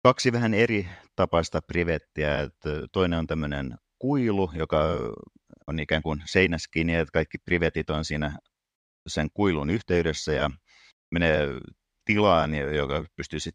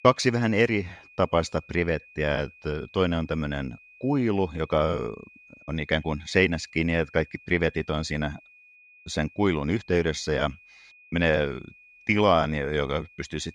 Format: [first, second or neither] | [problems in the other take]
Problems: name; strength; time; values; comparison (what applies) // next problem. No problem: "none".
first | high-pitched whine; faint; throughout; 2.5 kHz, 25 dB below the speech